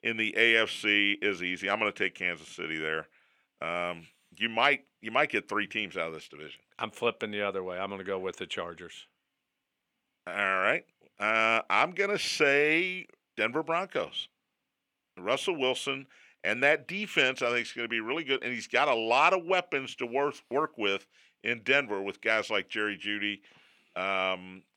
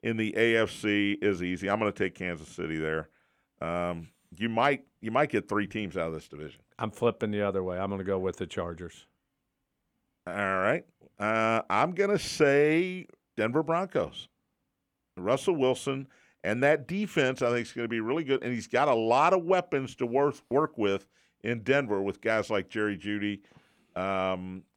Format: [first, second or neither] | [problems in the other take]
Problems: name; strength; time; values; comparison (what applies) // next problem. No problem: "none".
second | thin; very slightly; fading below 350 Hz